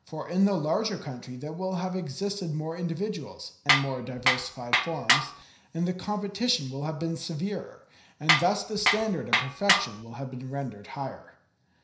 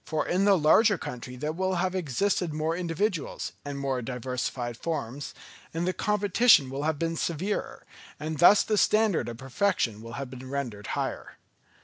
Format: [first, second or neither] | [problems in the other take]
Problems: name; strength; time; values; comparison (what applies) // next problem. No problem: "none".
second | background sound (Tools); 4 dB above the speech // room echo; dies away in 0.5 s